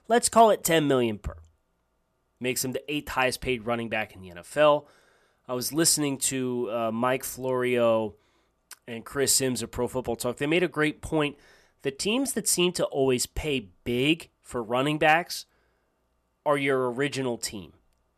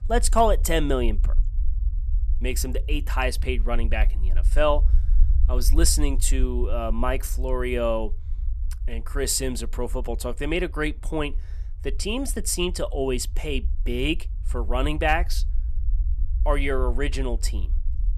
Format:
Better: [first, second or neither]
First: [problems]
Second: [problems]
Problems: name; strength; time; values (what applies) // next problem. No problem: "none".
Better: first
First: none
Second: low rumble; faint; throughout; 25 dB below the speech